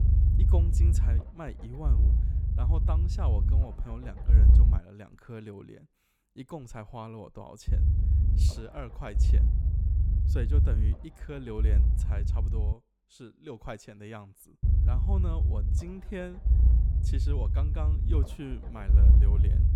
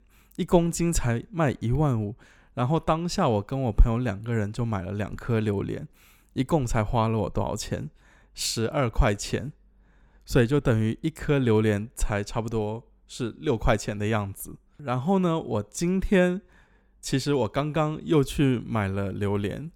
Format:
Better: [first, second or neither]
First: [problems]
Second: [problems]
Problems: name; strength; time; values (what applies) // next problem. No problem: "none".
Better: second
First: low rumble; loud; until 5 s, from 7.5 to 13 s and from 15 s on; as loud as the speech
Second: none